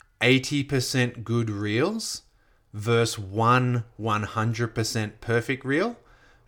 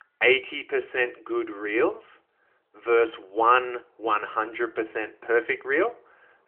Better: first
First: none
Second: phone-call audio; nothing above 3 kHz

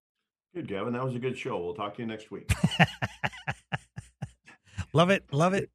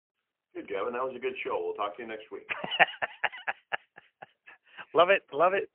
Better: first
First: none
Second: phone-call audio; poor line; nothing above 3 kHz

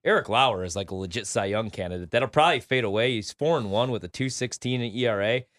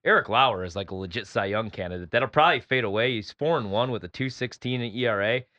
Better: first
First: none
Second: muffled; slightly; fading above 4.5 kHz

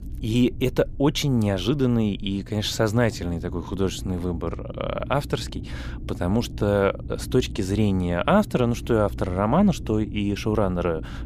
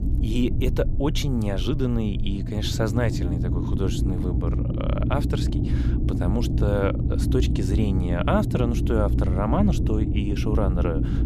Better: first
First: low rumble; faint; throughout; 20 dB below the speech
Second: low rumble; loud; throughout; 6 dB below the speech

